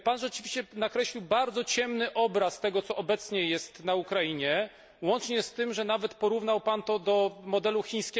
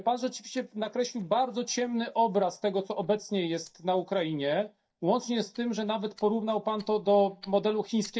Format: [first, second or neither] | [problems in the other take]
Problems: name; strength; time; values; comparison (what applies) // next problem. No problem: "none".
first | noise reduction (neural mask model DeepFilterNet 3)